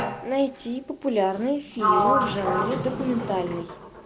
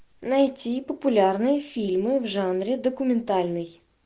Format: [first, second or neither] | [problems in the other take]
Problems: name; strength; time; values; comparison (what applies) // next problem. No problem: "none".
second | background sound (Sliding door); 1 dB below the speech